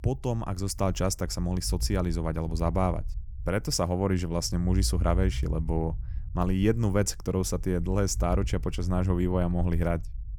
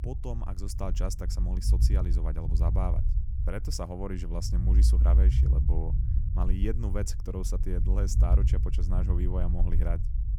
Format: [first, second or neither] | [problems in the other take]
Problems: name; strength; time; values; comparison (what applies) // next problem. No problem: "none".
first | low rumble; loud; throughout; 6 dB below the speech; faint in the first